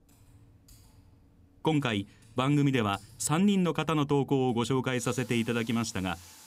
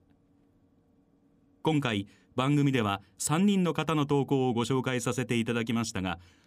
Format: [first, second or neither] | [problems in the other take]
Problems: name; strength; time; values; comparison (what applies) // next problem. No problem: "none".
second | household noises; faint; throughout; 25 dB below the speech